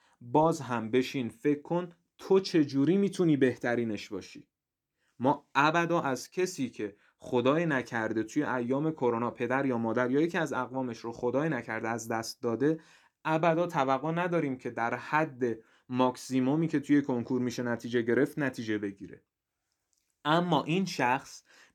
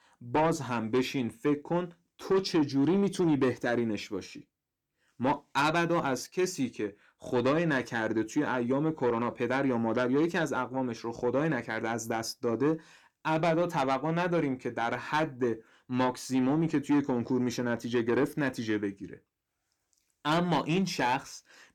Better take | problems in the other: first | distortion; slight; 10 dB below the speech

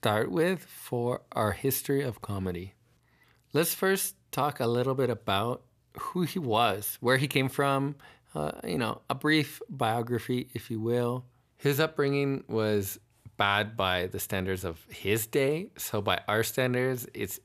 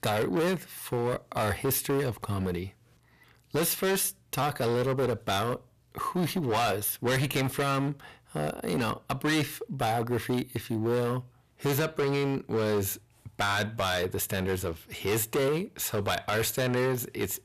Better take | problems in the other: first | distortion; heavy; 15% of the sound clipped

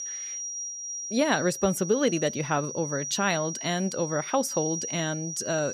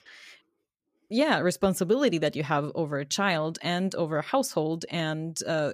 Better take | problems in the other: second | high-pitched whine; loud; throughout; 5.5 kHz, 6 dB below the speech

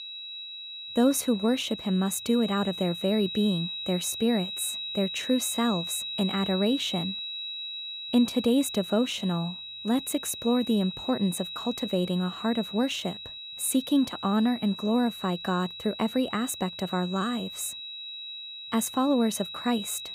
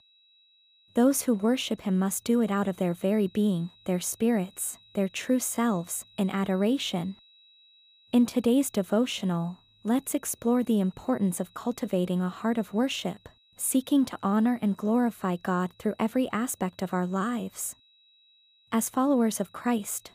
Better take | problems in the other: second | high-pitched whine; loud; throughout; 4 kHz, 8 dB below the speech; faint in the second

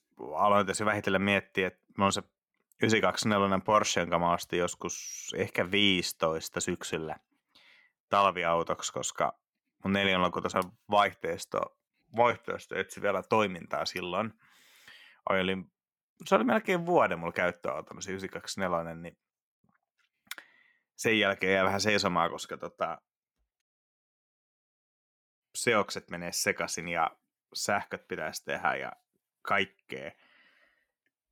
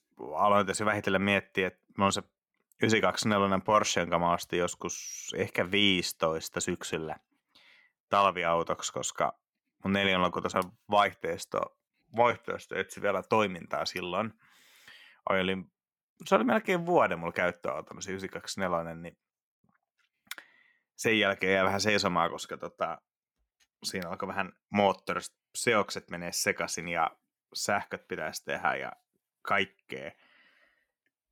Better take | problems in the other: second | audio cutting out; at 24 s for 2 s

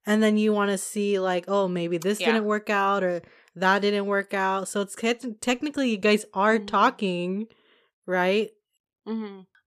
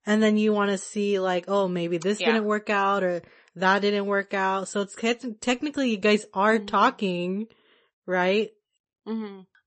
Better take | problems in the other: first | garbled, watery; slightly; nothing above 8 kHz

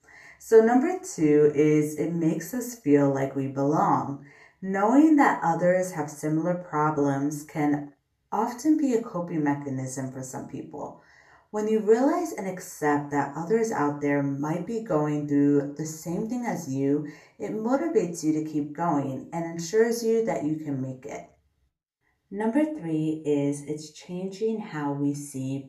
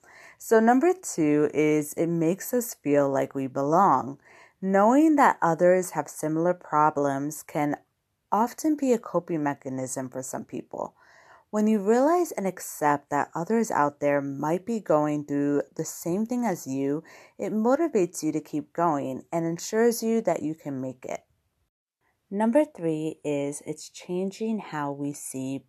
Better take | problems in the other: second | room echo; very slight; dies away in 0.3 s // off-mic speech; somewhat distant

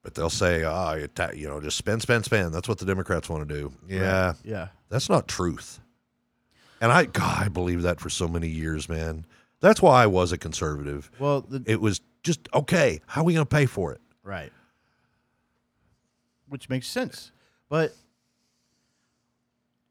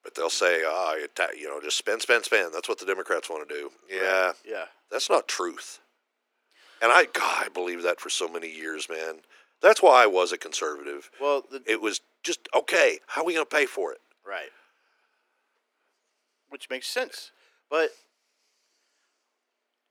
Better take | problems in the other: first | thin; very; fading below 350 Hz

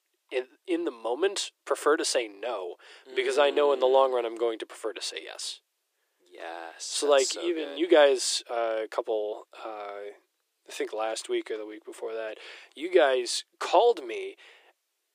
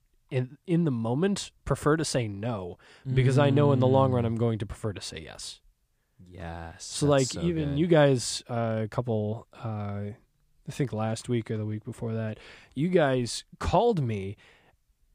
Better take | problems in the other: second | thin; very; fading below 350 Hz

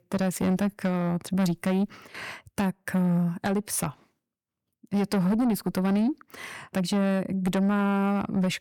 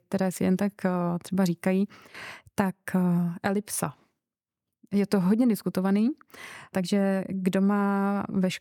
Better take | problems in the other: second | distortion; slight; 10 dB below the speech

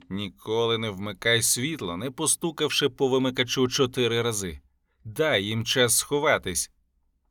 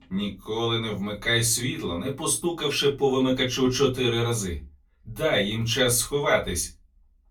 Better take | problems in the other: first | off-mic speech; far // room echo; very slight; dies away in 0.2 s

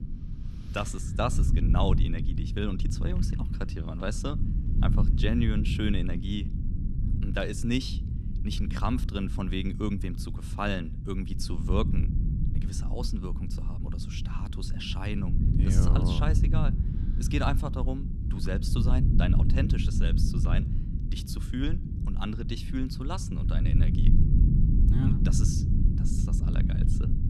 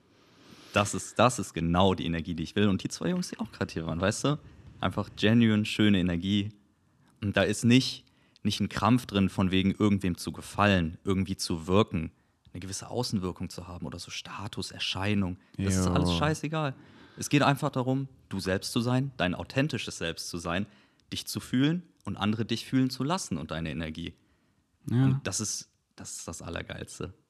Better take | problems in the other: second | low rumble; loud; throughout; 5 dB below the speech

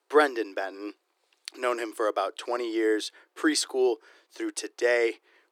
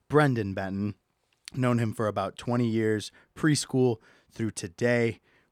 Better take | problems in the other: second | thin; very; fading below 300 Hz

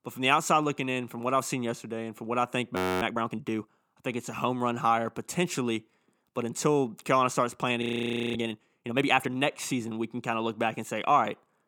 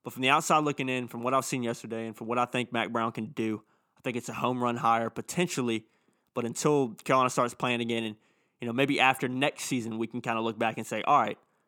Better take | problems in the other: second | audio freezing; at 3 s and at 8 s for 0.5 s

